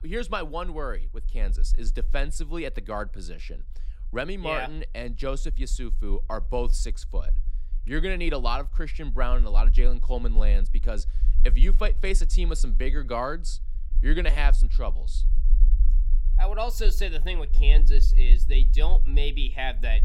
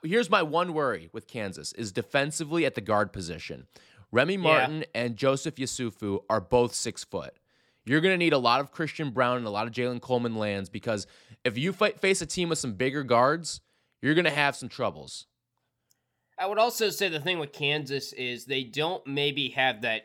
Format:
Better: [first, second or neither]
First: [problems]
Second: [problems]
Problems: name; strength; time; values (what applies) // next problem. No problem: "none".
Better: second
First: low rumble; faint; throughout; 20 dB below the speech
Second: none